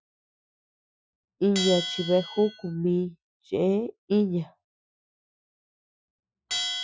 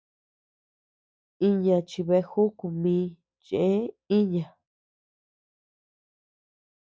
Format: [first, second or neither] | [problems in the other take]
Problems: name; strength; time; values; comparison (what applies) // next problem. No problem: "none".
second | noise reduction (classical method Wiener filter)